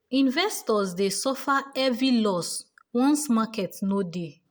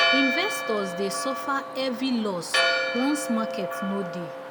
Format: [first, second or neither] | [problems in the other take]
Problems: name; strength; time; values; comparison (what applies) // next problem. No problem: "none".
first | background sound (Church bell); 1 dB above the speech